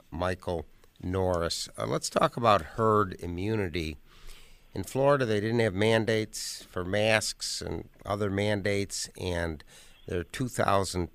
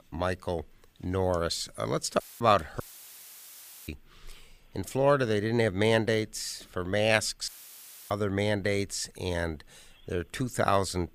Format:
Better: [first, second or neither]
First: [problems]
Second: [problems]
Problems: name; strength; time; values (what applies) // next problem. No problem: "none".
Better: first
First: none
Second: audio cutting out; filled with static; at 2 s, at 3 s for 1 s and at 7.5 s for 0.5 s